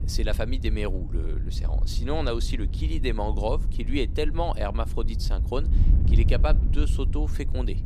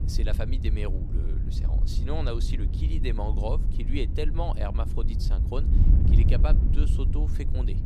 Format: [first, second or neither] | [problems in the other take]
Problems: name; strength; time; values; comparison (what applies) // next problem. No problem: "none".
first | wind noise on the microphone; heavy; 5 dB below the speech; occasional gusts in the first